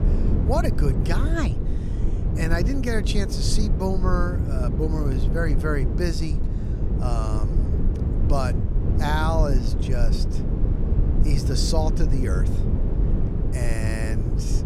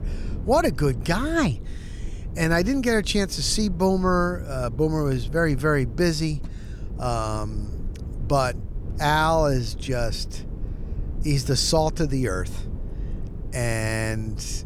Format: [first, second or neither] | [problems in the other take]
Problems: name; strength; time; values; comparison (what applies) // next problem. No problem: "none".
second | low rumble; loud; throughout; 6 dB below the speech; faint in the second